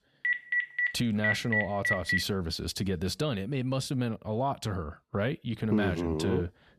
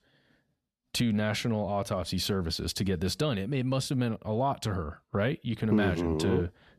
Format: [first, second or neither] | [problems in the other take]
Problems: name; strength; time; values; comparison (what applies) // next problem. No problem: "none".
second | phone ringing; loud; until 2 s; peak 4 dB above the speech